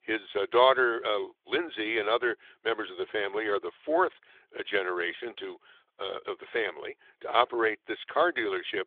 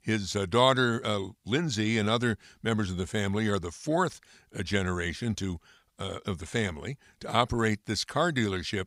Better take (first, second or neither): second